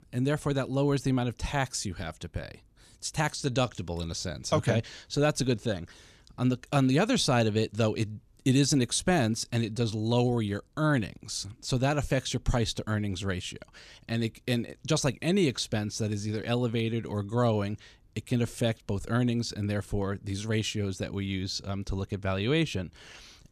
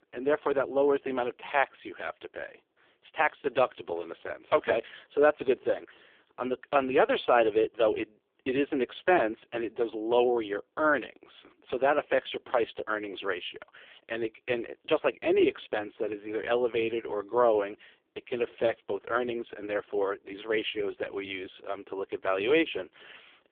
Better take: first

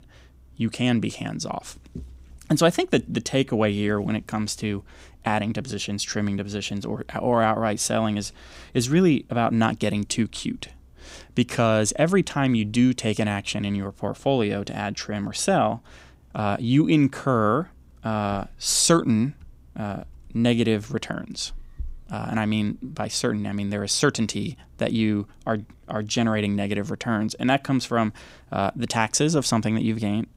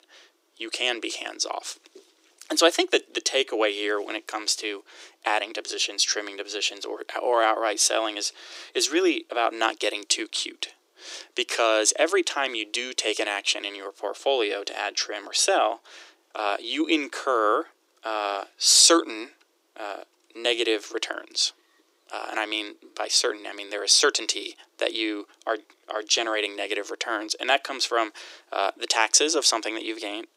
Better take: first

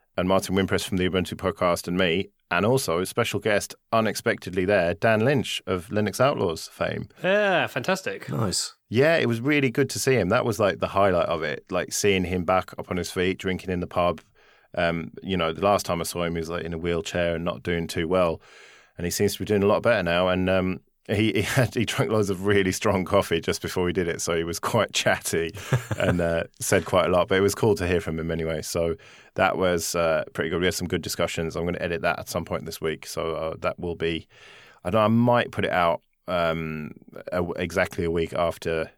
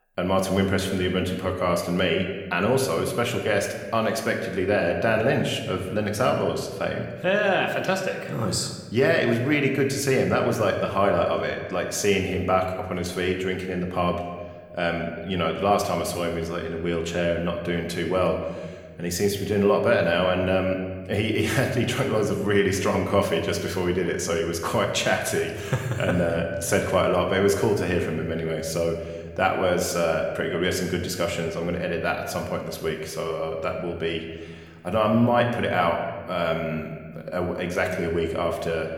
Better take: first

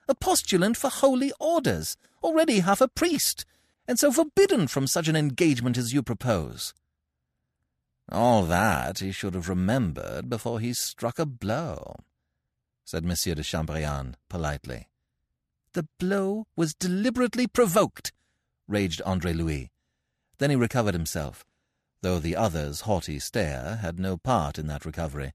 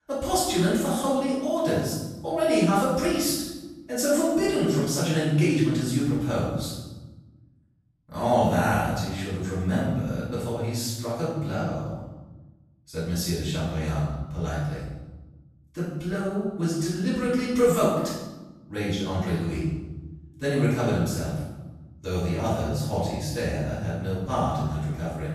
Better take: first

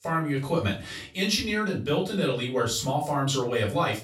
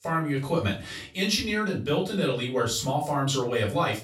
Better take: neither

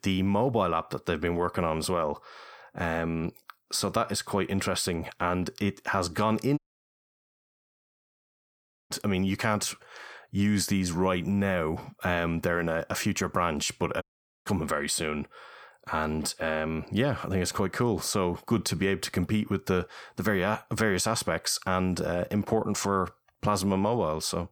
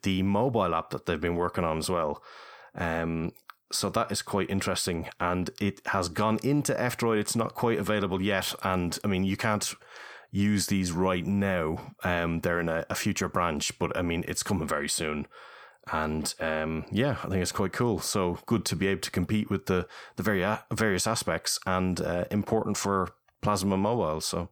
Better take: second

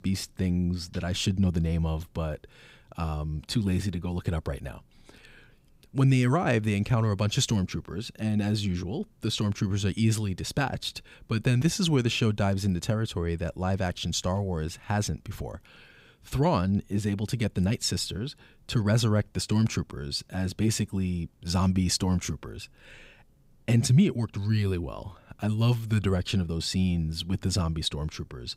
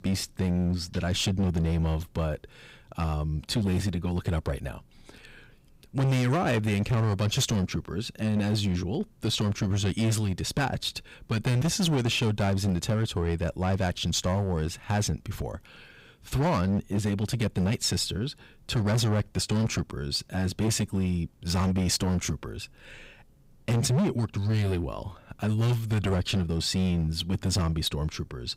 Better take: first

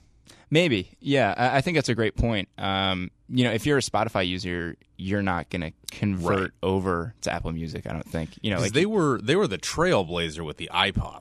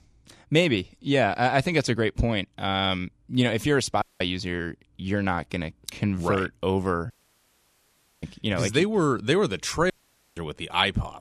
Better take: first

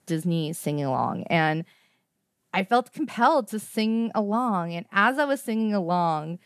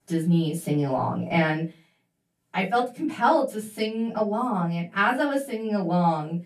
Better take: first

